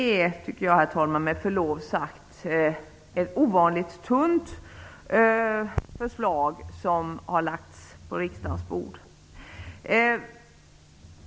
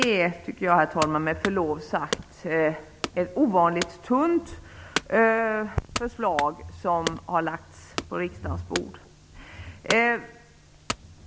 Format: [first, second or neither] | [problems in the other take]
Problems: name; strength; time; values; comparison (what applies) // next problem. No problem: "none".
first | background sound (Wood / Domestic sounds, home sounds); 10 dB below the speech